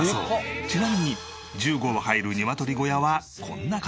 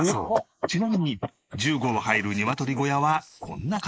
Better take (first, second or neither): first